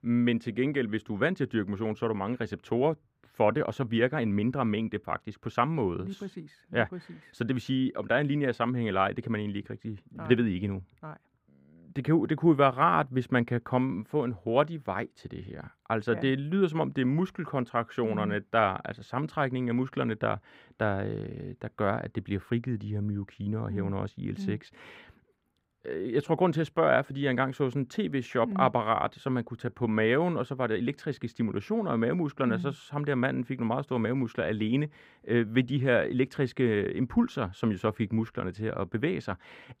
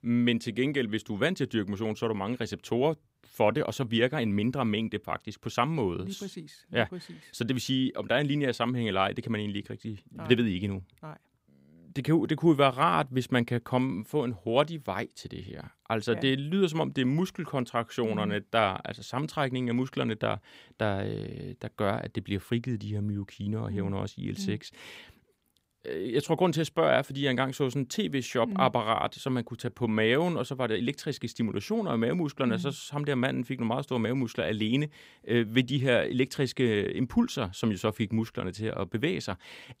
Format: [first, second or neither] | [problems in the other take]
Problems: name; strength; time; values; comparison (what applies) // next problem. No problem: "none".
second | muffled; slightly; fading above 3 kHz